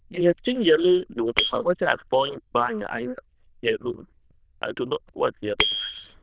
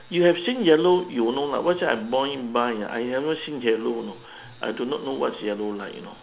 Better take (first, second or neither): second